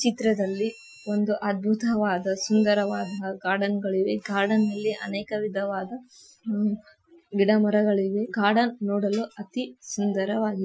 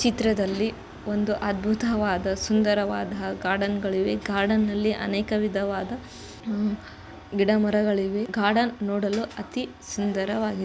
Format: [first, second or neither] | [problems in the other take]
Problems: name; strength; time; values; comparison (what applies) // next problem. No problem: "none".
second | noise reduction (classical method Wiener filter)